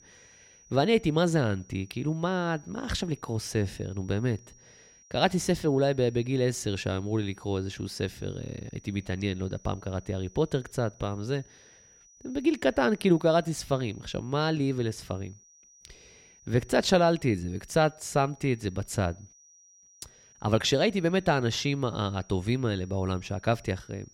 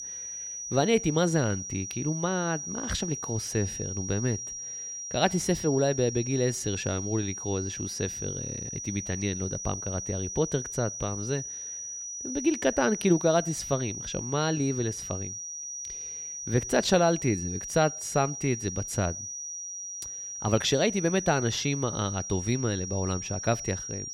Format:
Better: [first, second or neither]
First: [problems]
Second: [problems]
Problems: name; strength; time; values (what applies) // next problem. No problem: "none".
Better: first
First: high-pitched whine; faint; throughout; 6 kHz, 25 dB below the speech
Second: high-pitched whine; loud; throughout; 6 kHz, 6 dB below the speech